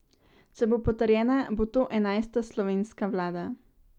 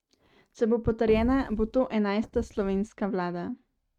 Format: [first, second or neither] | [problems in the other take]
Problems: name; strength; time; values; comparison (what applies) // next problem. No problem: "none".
first | noise reduction (neural mask model RNNoise)